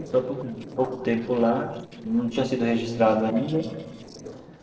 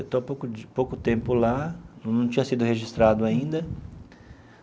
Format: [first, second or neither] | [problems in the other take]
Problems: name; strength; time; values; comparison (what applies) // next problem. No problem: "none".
second | noise reduction (neural separator model SepFormer DNS4)